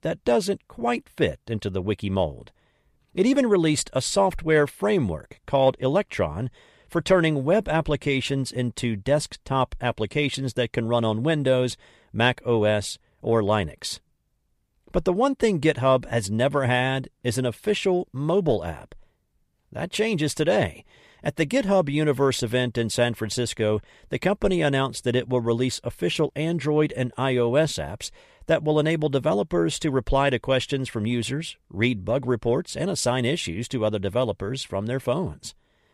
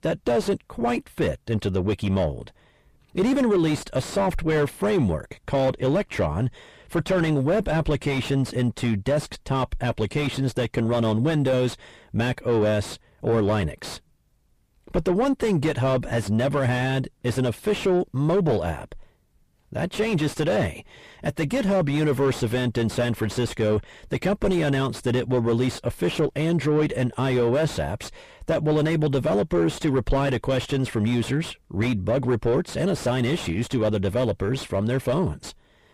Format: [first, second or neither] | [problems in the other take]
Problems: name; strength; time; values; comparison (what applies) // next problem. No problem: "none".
first | distortion; heavy; 7 dB below the speech